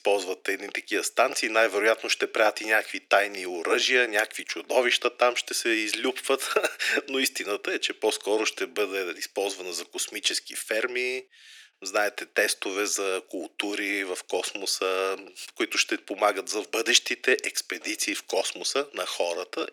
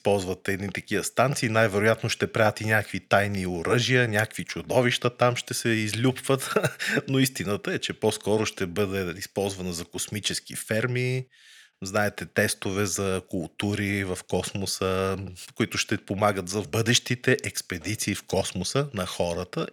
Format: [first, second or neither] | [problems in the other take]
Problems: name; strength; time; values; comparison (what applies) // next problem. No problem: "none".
second | thin; somewhat; fading below 300 Hz